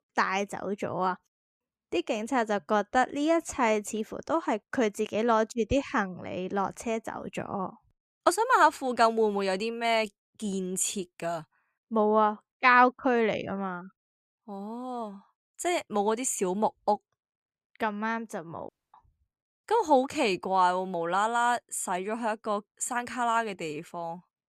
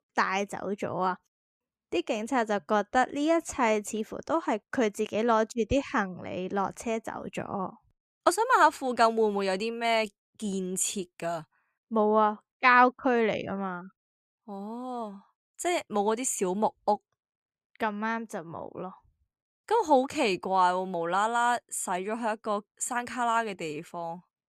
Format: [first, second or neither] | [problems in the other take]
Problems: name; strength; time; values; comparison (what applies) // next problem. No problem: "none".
second | audio cutting out; at 19 s